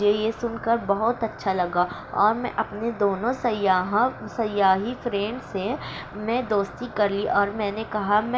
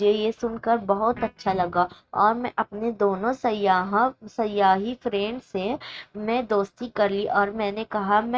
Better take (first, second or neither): first